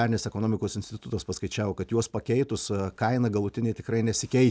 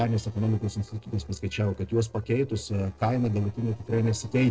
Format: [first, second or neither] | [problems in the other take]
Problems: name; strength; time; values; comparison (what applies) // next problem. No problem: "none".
first | noise reduction (neural separator model SepFormer DNS4)